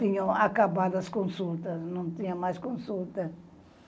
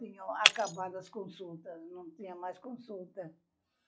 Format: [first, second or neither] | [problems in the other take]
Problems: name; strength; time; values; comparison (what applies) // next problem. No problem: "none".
first | noise reduction (classical method log-MMSE)